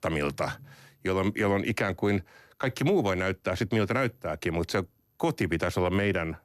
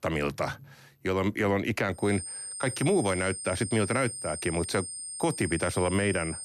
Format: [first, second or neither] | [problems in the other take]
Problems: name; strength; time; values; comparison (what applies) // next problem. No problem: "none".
first | high-pitched whine; loud; from 2 s on; 8.5 kHz, 7 dB below the speech